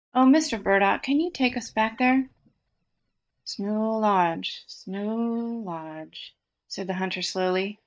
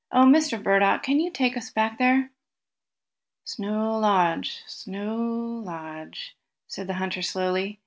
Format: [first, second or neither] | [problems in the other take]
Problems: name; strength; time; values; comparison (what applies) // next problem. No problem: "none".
second | noise reduction (neural mask model DeepFilterNet 3)